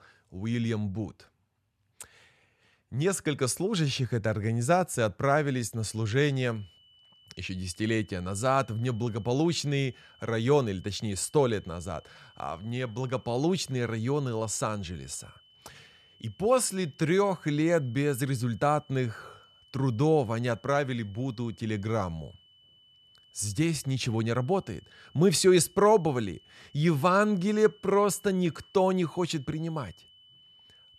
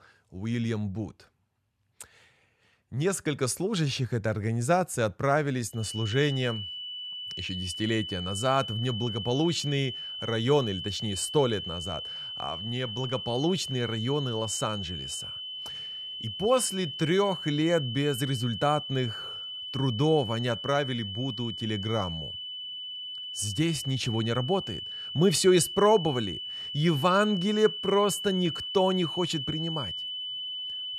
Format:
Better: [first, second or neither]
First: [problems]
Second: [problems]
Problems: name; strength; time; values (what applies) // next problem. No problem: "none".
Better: first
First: high-pitched whine; faint; from 6 s on; 3 kHz, 30 dB below the speech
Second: high-pitched whine; loud; from 6 s on; 3 kHz, 6 dB below the speech